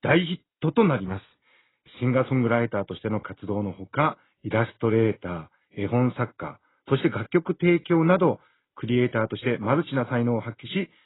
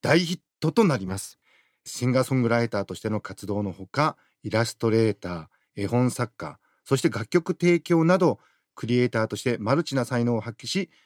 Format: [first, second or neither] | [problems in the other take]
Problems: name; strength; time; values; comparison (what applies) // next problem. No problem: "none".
second | garbled, watery; badly; nothing above 4 kHz